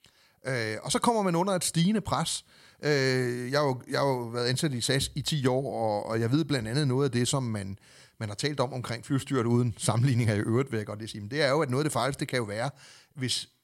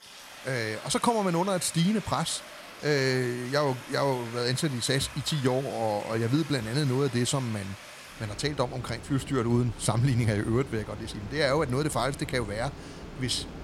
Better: first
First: none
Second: rain or running water; noticeable; throughout; 15 dB below the speech

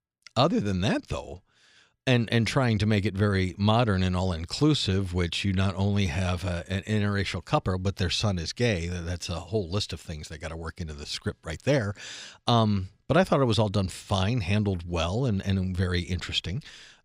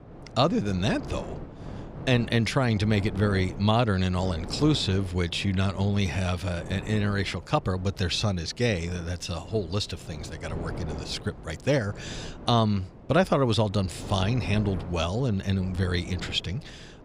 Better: first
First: none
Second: wind noise on the microphone; occasional gusts; 15 dB below the speech

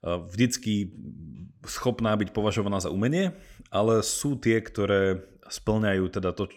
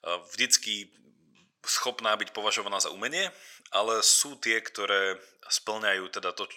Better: first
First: none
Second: thin; very; fading below 900 Hz

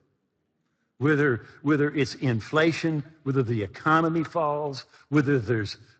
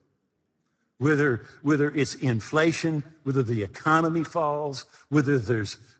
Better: first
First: garbled, watery; slightly; nothing above 8 kHz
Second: garbled, watery; badly; nothing above 8 kHz

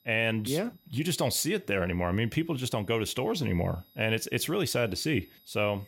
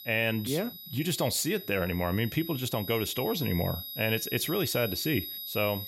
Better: first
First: high-pitched whine; faint; throughout; 12 kHz, 30 dB below the speech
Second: high-pitched whine; loud; throughout; 12 kHz, 8 dB below the speech

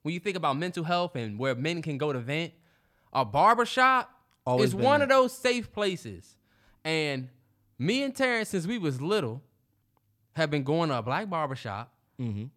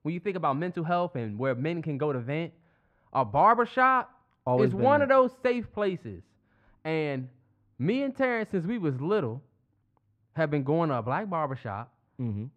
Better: first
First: none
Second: muffled; very; fading above 3.5 kHz

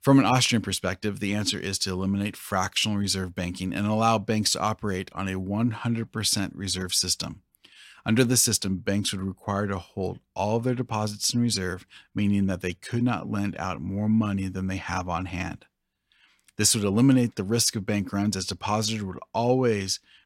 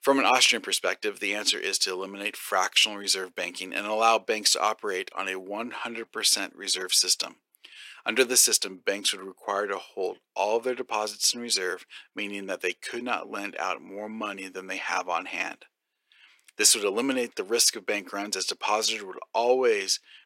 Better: first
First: none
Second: thin; very; fading below 400 Hz

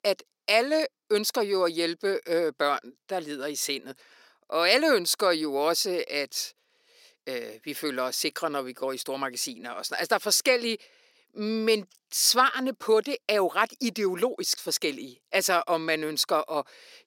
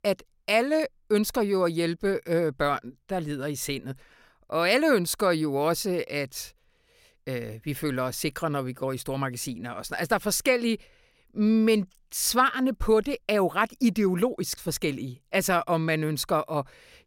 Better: second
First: thin; somewhat; fading below 300 Hz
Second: none

